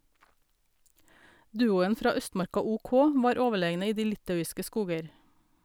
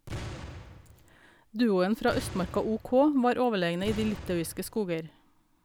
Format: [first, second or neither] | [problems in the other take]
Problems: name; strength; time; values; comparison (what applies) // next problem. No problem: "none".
first | background sound (Boom); 13 dB below the speech